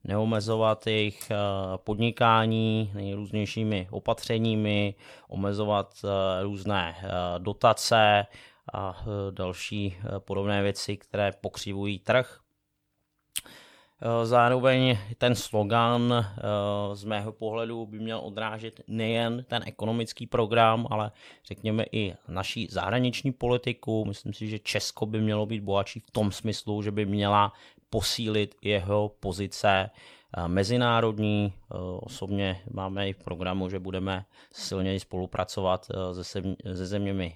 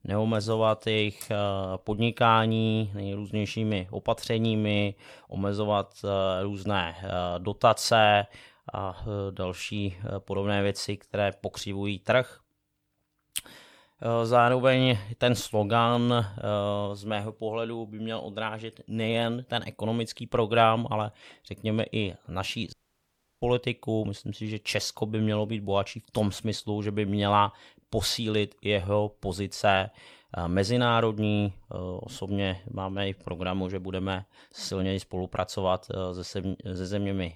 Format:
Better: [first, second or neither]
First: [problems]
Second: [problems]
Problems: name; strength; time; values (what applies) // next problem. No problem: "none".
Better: first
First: none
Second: audio cutting out; at 23 s for 0.5 s